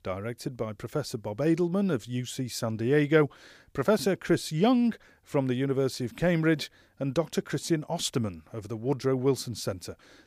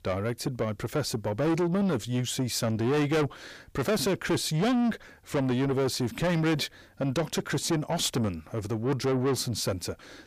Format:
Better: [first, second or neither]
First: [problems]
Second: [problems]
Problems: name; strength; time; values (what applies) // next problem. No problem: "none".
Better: first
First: none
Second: distortion; heavy; 7 dB below the speech